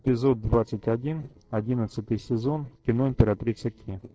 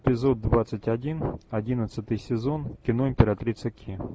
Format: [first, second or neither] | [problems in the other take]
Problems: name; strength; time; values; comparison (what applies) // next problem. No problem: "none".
second | noise reduction (neural separator model SepFormer DNS4)